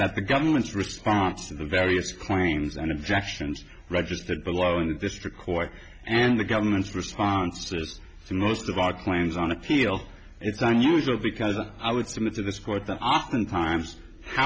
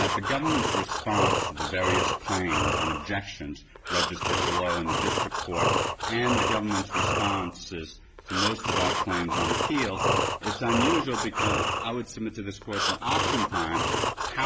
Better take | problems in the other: first | background sound (Breathing); 3 dB above the speech

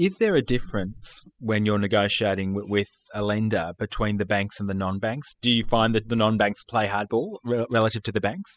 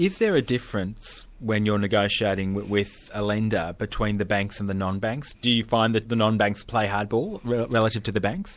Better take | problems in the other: second | noise reduction (classical method spectral subtraction)

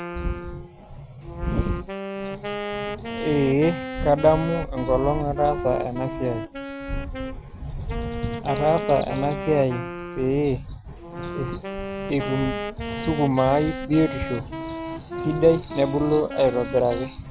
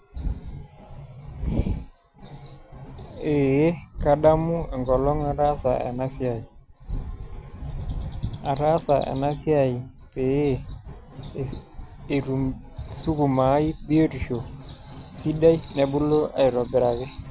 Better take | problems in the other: second | background sound (Wind instrument, woodwind instrument); 8 dB below the speech

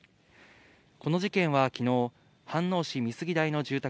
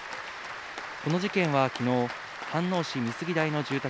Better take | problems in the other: first | background sound (Applause); 9 dB below the speech

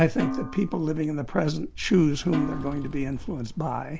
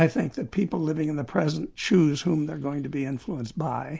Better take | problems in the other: second | background sound (Snare drum + Sliding door); 8 dB below the speech

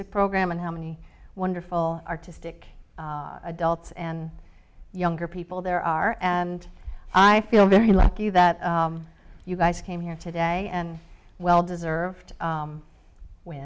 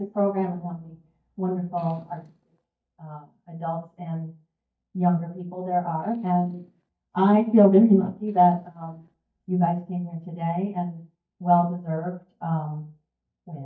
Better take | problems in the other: first | noise reduction (neural mask model DeepFilterNet 3)

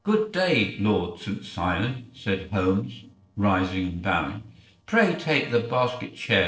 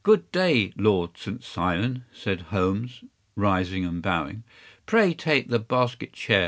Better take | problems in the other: second | noise reduction (neural separator model SepFormer DNS4)

